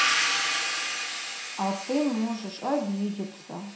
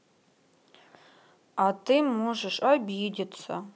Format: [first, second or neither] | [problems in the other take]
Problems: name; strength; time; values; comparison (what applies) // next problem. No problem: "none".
second | background sound (Hi-hat); 1 dB above the speech // room echo; dies away in 0.7 s